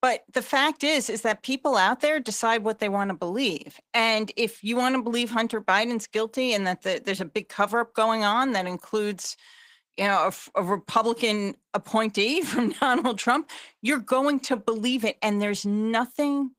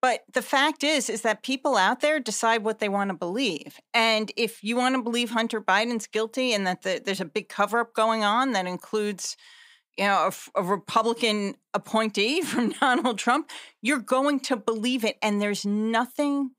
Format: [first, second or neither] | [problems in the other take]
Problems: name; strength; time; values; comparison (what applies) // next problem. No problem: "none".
second | garbled, watery; slightly; nothing above 15.5 kHz